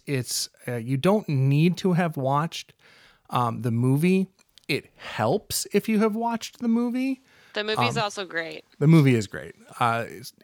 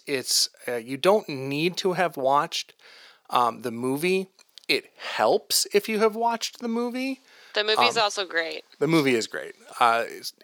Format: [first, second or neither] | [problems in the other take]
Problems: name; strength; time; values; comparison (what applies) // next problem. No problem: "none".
first | thin; somewhat; fading below 450 Hz